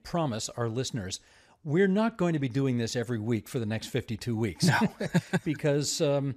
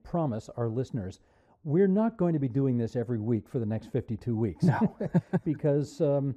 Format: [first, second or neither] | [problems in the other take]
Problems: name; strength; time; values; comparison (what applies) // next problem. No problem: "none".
first | muffled; very; fading above 1.5 kHz